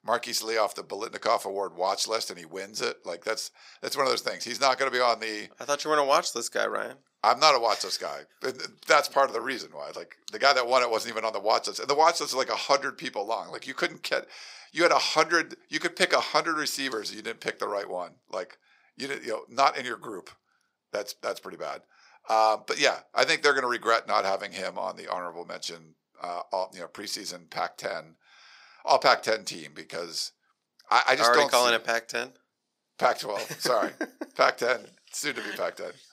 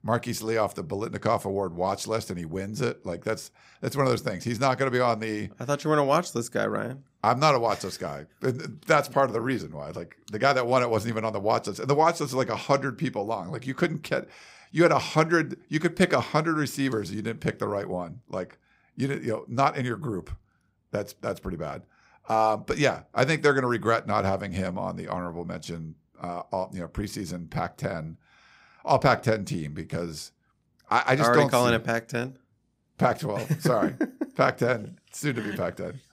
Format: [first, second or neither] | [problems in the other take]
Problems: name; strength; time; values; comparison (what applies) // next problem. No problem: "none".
second | thin; very; fading below 500 Hz